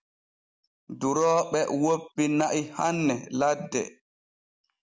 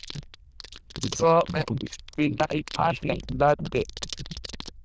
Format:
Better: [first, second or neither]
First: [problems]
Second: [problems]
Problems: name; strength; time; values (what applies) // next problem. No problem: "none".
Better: first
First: none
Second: noise reduction (neural diffusion model UNIVERSE++)